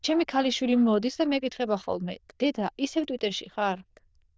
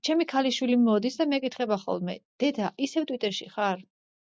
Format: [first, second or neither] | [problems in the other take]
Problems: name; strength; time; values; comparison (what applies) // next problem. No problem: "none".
second | noise reduction (neural diffusion model UNIVERSE++)